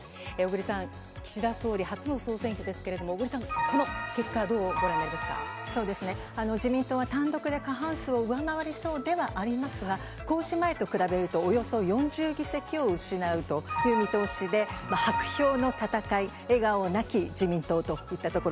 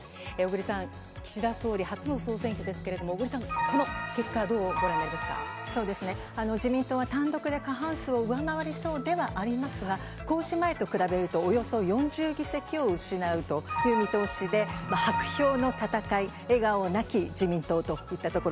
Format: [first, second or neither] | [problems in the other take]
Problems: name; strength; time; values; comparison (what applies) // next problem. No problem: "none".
first | background sound (Bass guitar); 17 dB below the speech